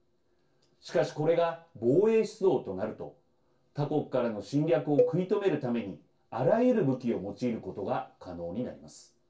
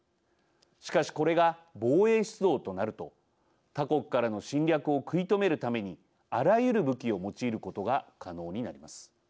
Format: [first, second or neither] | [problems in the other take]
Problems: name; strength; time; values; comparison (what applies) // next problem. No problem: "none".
second | background sound (Cowbell); 4 dB below the speech // room echo; dies away in 0.2 s